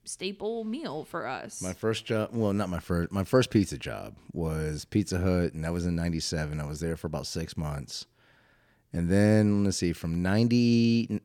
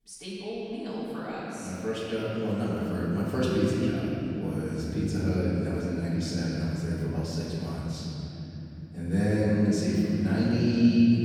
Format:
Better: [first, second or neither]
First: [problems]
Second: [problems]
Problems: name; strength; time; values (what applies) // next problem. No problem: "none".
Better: first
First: none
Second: room echo; strong; dies away in 3 s // off-mic speech; far